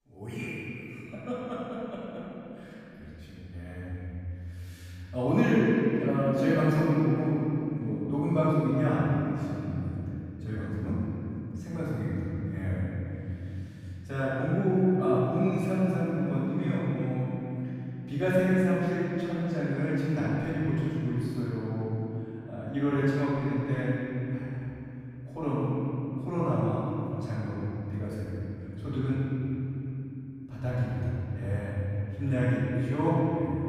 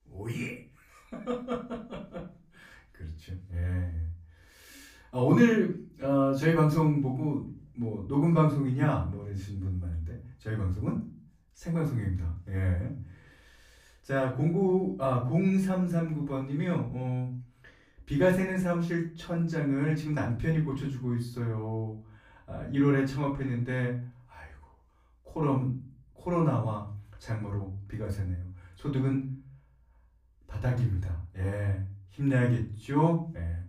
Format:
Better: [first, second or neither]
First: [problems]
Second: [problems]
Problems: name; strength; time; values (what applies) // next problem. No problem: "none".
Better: second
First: room echo; strong; dies away in 3 s // off-mic speech; far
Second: room echo; slight; dies away in 0.4 s // off-mic speech; far